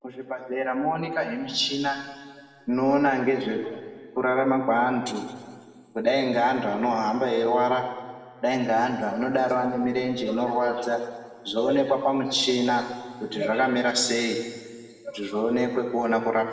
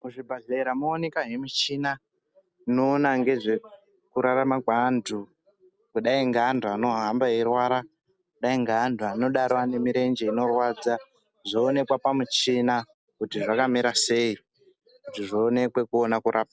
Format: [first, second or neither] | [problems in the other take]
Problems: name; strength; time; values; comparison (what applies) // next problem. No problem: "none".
second | room echo; dies away in 1.8 s